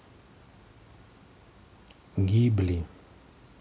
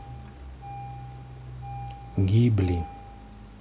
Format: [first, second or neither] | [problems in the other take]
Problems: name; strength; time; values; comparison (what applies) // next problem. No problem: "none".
first | background sound (Engine starting); 12 dB below the speech